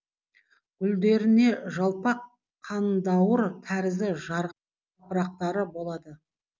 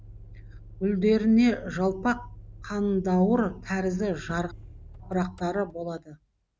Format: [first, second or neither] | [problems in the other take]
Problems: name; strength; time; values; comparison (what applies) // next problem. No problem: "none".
first | background sound (Motor vehicle (road)); 17 dB below the speech